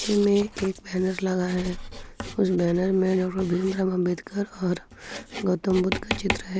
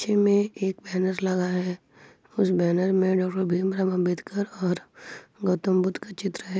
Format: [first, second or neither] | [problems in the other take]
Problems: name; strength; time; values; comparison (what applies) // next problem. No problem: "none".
second | background sound (Writing); 11 dB below the speech